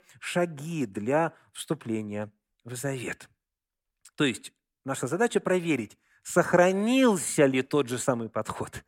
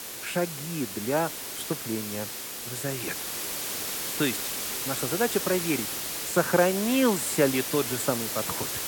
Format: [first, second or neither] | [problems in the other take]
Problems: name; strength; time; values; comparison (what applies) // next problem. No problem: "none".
first | hiss; loud; throughout; 2 dB below the speech